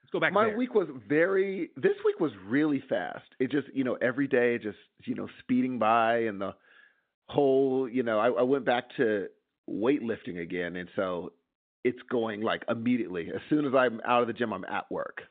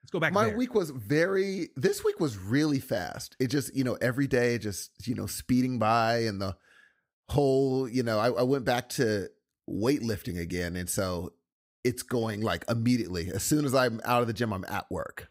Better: second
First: phone-call audio; nothing above 4 kHz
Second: none

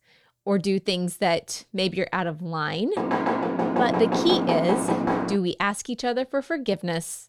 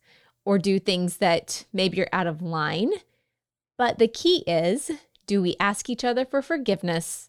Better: second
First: door banging; loud; from 3 to 5.5 s; peak 2 dB above the speech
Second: none

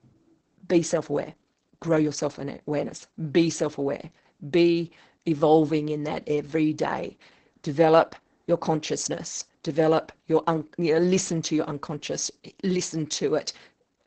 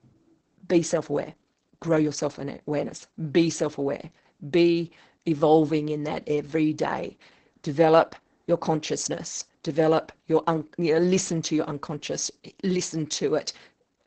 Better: neither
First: garbled, watery; badly; nothing above 8 kHz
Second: garbled, watery; badly; nothing above 8 kHz

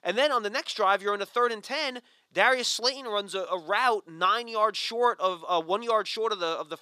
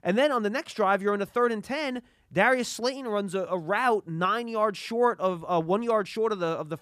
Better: second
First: thin; somewhat; fading below 400 Hz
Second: none

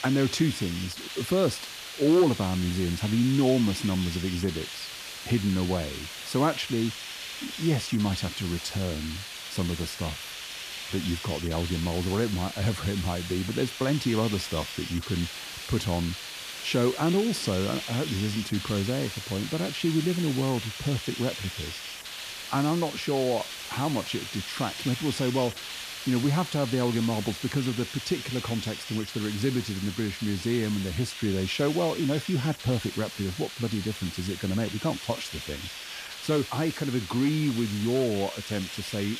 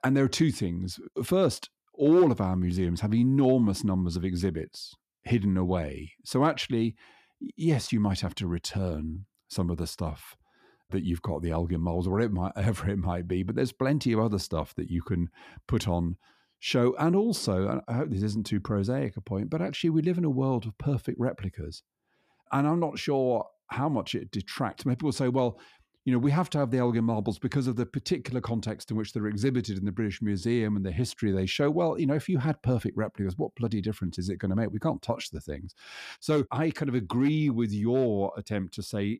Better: second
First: hiss; loud; throughout; 7 dB below the speech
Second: none

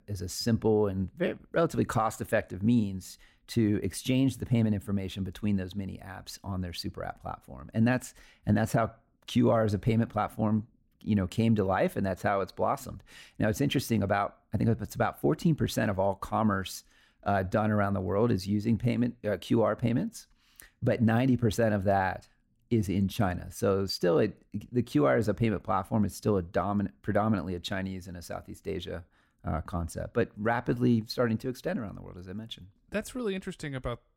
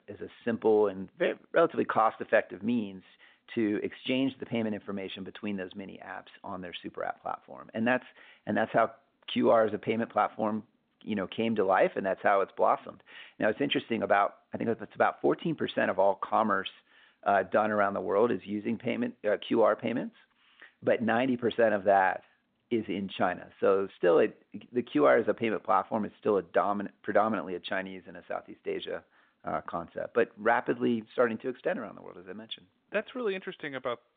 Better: first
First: none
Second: phone-call audio

